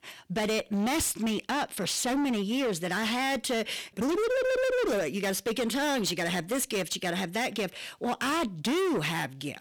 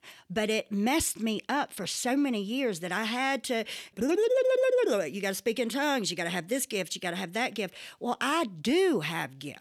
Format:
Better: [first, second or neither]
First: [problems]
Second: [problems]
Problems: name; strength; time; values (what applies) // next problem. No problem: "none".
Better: second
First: distortion; heavy; 26% of the sound clipped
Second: none